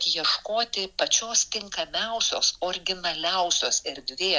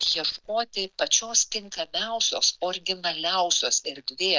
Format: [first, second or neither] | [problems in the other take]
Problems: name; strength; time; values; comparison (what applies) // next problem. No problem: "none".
first | noise reduction (neural mask model DeepFilterNet 3)